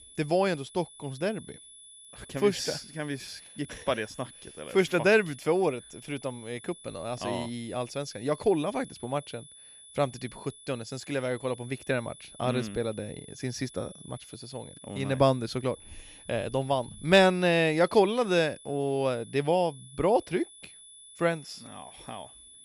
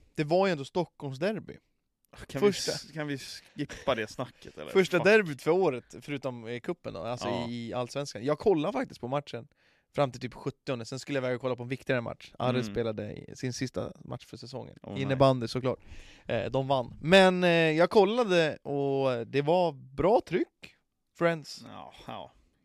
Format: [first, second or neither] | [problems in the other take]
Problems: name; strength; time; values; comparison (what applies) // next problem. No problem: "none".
second | high-pitched whine; noticeable; throughout; 10 kHz, 20 dB below the speech